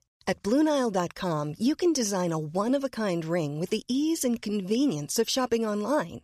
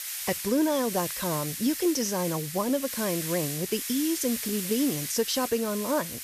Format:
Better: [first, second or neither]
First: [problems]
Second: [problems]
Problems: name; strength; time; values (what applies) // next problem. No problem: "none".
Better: first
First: none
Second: hiss; loud; throughout; 4 dB below the speech